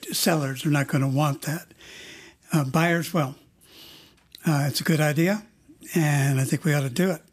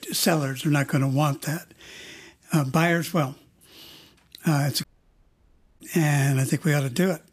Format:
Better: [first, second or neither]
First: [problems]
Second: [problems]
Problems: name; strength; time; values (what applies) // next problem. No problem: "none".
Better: first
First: none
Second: audio cutting out; at 5 s for 1 s